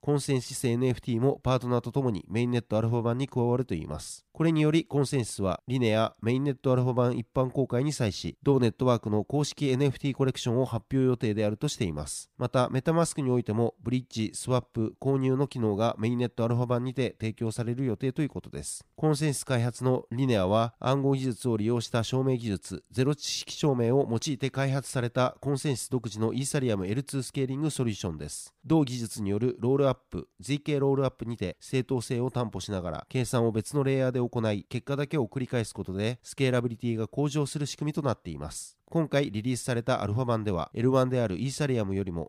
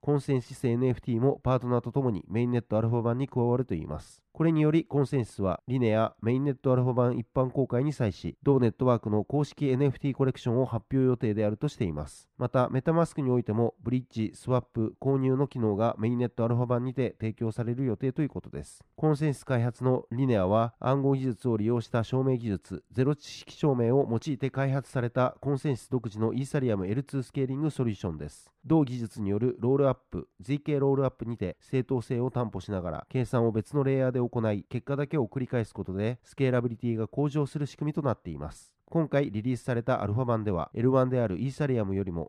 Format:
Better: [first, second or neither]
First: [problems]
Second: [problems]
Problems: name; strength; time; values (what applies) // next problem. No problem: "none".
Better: first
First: none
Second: muffled; slightly; fading above 3 kHz